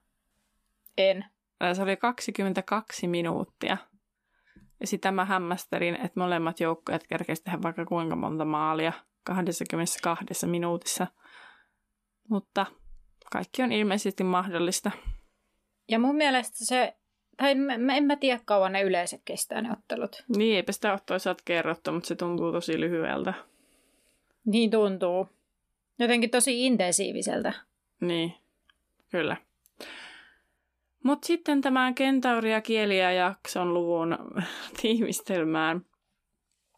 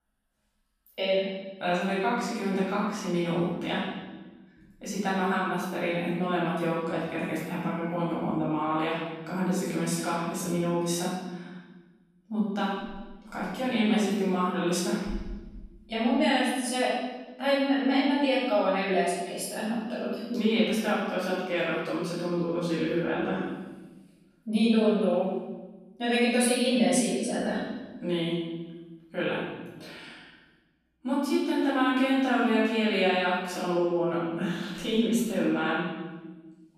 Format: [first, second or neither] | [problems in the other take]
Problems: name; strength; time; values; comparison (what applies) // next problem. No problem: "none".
first | off-mic speech; far // room echo; strong; dies away in 1.3 s